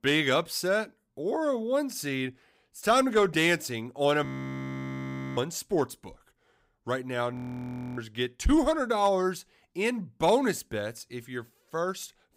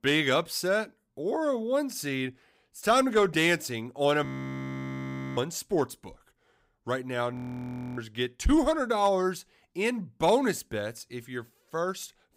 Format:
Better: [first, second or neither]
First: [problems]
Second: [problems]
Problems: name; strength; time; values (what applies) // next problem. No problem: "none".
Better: neither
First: audio freezing; at 4.5 s for 1 s and at 7.5 s for 0.5 s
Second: audio freezing; at 4.5 s for 1 s and at 7.5 s for 0.5 s